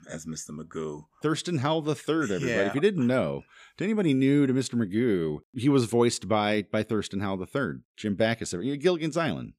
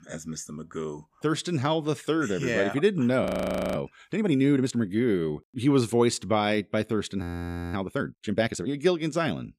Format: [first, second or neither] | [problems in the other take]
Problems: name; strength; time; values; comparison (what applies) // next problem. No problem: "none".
first | audio freezing; at 3 s for 0.5 s and at 7 s for 0.5 s